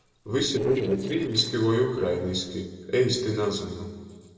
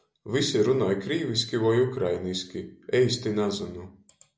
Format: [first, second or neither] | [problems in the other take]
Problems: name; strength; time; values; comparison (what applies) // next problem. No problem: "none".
second | noise reduction (neural separator model SepFormer DNS4)